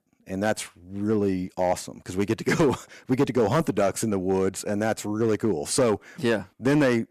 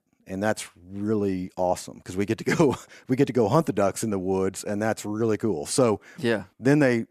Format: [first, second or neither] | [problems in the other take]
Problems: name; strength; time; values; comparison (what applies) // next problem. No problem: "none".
second | distortion; slight; 4% of the sound clipped